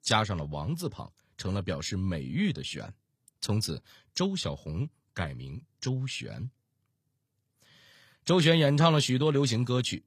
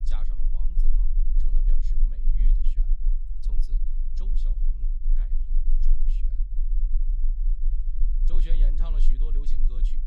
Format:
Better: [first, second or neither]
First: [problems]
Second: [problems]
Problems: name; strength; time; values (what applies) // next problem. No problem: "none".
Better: first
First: none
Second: low rumble; loud; throughout; 3 dB below the speech